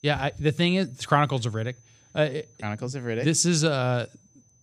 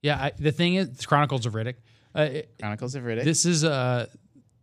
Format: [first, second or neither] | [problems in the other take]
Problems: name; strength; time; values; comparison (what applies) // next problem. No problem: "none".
second | high-pitched whine; faint; throughout; 6 kHz, 35 dB below the speech